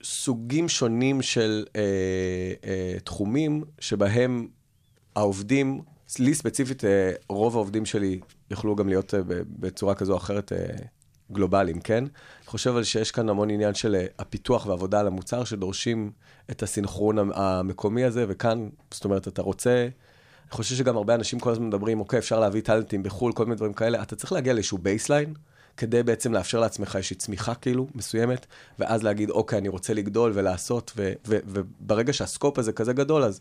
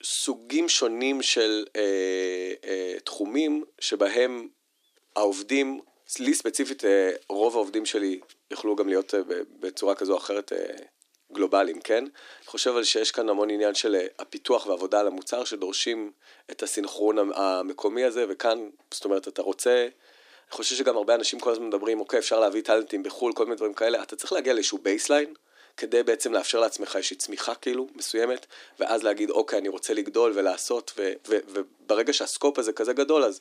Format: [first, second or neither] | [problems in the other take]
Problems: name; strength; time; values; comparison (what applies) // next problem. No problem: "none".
first | thin; somewhat; fading below 300 Hz